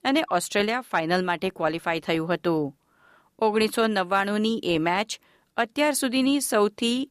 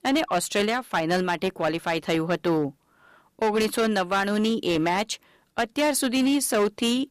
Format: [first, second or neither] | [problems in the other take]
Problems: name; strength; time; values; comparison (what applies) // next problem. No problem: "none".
first | distortion; slight; 9% of the sound clipped